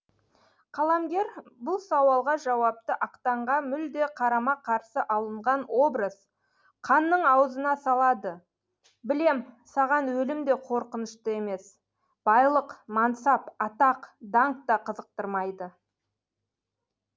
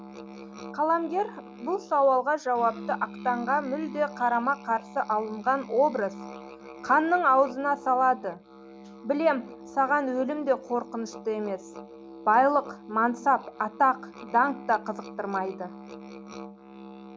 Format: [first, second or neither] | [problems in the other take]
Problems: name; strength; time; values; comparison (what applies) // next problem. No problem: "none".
first | background sound (Musical instrument); 16 dB below the speech